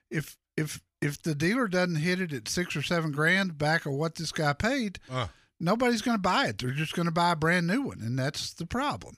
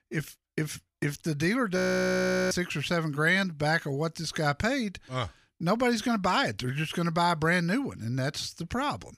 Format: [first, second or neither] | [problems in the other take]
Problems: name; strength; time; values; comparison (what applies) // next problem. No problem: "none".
first | audio freezing; at 2 s for 0.5 s